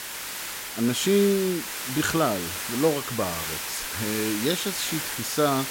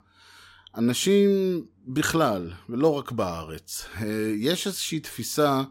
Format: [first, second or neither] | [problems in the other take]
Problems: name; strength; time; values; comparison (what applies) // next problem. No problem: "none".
second | hiss; loud; throughout; 4 dB below the speech